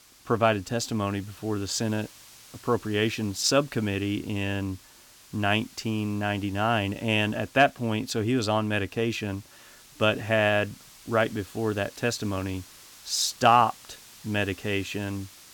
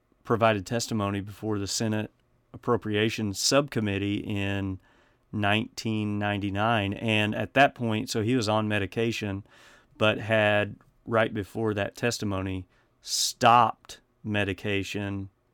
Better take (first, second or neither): second